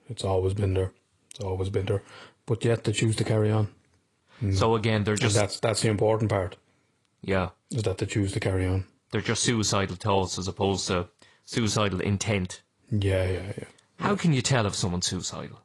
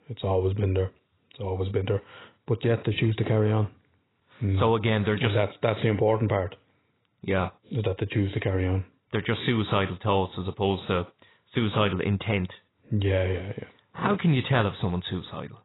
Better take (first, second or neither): first